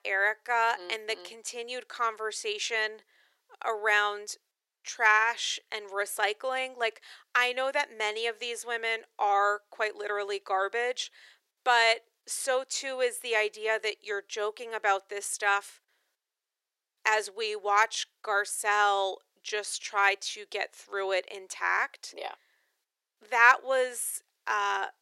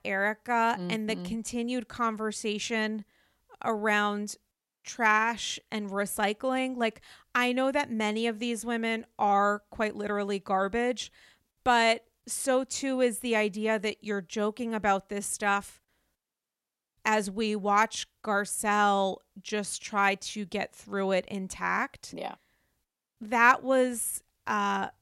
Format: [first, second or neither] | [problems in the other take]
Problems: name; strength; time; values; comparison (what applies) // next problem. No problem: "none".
second | thin; very; fading below 350 Hz